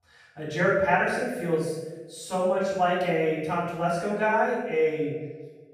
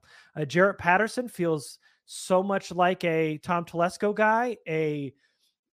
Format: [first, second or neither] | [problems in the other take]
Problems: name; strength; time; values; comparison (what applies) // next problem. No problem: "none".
second | off-mic speech; far // room echo; strong; dies away in 1 s